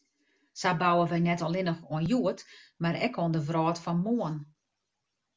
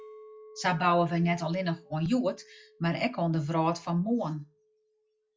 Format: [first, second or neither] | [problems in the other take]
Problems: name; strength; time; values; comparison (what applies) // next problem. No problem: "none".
first | noise reduction (classical method log-MMSE)